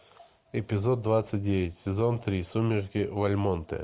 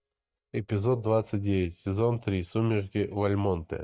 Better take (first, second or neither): first